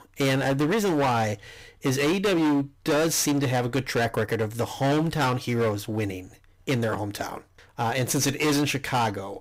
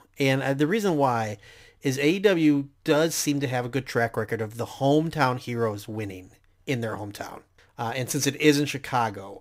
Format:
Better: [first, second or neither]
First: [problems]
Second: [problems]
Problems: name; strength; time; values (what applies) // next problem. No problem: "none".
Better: second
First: distortion; heavy; 18% of the sound clipped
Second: none